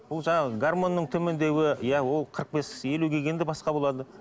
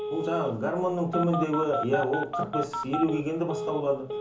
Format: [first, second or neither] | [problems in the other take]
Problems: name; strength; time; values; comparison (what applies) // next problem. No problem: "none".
first | background sound (Telephone); 5 dB below the speech // room echo; dies away in 0.8 s